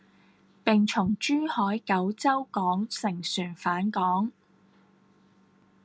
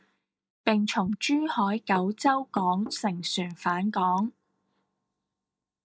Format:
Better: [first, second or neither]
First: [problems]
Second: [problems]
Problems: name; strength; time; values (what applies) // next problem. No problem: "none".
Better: first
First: none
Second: noise reduction (neural mask model DeepFilterNet 3)